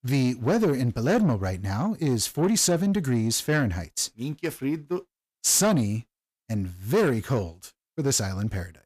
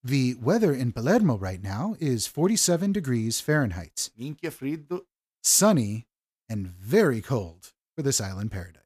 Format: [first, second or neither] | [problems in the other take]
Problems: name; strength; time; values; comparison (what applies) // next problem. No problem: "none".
second | distortion; slight; 10 dB below the speech